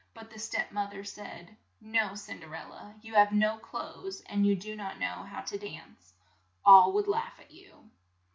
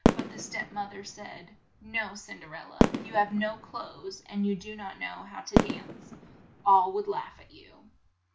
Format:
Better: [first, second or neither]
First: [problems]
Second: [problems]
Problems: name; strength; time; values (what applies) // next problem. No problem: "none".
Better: first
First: none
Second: background sound (Fireworks); 1 dB above the speech